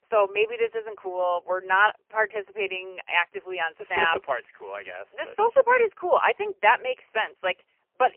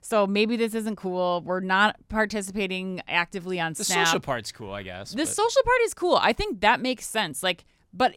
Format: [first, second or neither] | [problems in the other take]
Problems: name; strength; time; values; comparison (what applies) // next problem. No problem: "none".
second | phone-call audio; poor line; nothing above 3 kHz